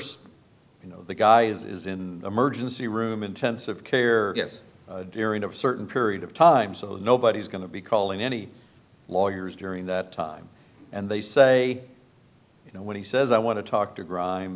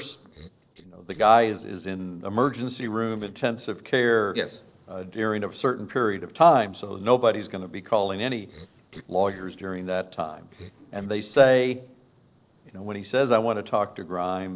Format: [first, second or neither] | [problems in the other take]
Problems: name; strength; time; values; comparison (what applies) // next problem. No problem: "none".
first | noise reduction (neural separator model SepFormer DNS4)